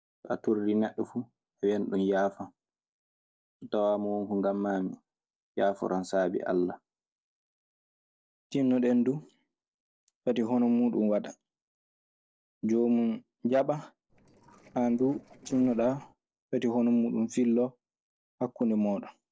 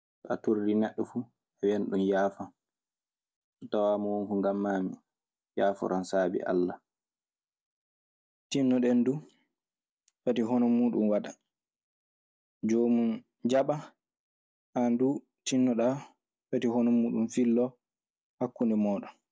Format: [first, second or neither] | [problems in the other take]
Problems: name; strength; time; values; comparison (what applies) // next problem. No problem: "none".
second | noise reduction (neural separator model SepFormer DNS4)